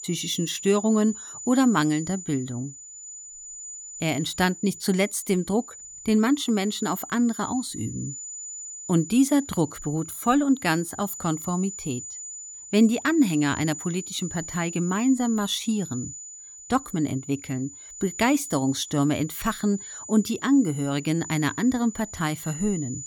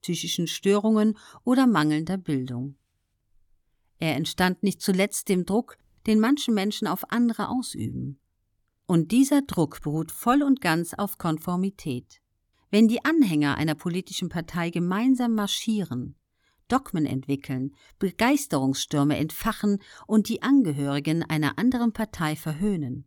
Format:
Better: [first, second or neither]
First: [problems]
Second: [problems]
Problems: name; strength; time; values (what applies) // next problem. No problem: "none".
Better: second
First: high-pitched whine; noticeable; throughout; 7 kHz, 10 dB below the speech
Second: none